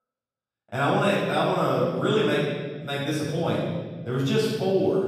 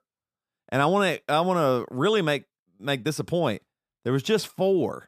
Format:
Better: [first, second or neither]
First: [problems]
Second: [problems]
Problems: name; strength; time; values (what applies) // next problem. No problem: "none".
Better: second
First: room echo; strong; dies away in 1.6 s // off-mic speech; far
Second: none